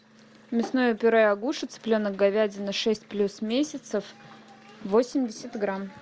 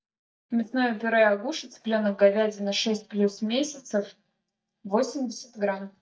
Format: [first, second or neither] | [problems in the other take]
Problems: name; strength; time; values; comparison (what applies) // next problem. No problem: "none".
first | noise reduction (neural mask model DeepFilterNet 3)